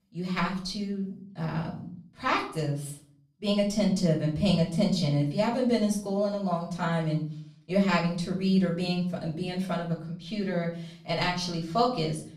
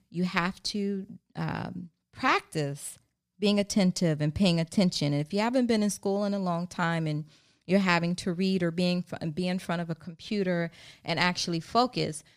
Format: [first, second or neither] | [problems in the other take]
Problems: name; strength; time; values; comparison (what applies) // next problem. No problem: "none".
second | off-mic speech; far // room echo; slight; dies away in 0.5 s